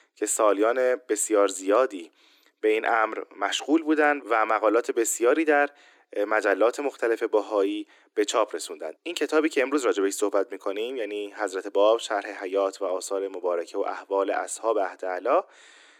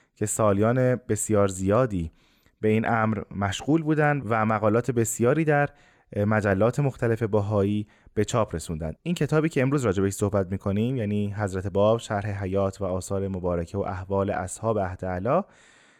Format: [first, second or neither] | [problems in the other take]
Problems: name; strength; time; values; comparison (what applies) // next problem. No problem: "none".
second | thin; somewhat; fading below 300 Hz